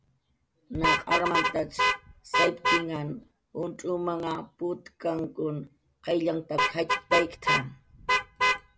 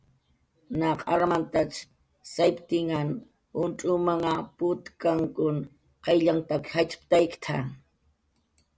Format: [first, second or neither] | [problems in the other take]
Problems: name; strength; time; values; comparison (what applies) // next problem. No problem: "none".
second | background sound (Vehicle horn, car horn, honking); 2 dB above the speech